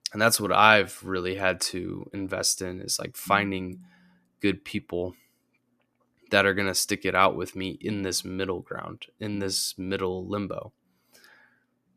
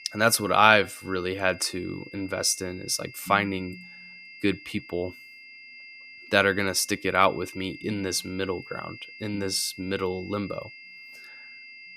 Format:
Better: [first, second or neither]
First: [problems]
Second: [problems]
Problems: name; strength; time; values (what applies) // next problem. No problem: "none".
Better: first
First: none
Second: high-pitched whine; noticeable; throughout; 2 kHz, 20 dB below the speech